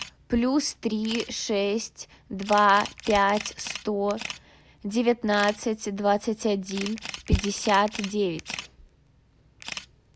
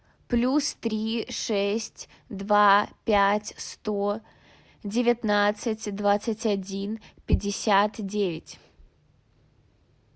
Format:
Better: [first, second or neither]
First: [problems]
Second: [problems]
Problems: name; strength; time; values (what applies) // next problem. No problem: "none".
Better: second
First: background sound (Camera); 14 dB below the speech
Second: none